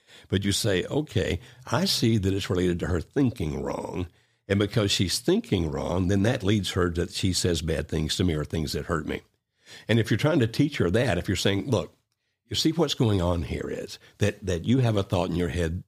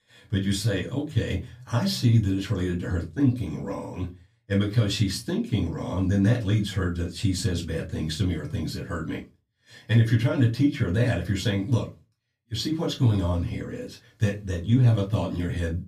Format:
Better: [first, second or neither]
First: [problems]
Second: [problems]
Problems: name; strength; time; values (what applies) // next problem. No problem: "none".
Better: first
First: none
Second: off-mic speech; far // room echo; very slight; dies away in 0.2 s